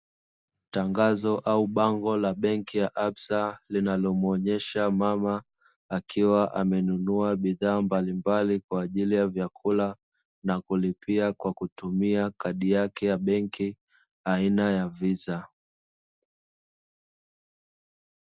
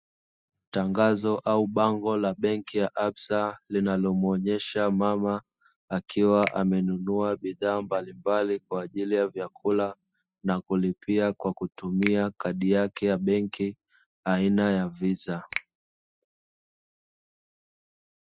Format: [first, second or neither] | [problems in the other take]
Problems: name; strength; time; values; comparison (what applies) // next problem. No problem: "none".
first | noise reduction (classical method spectral subtraction)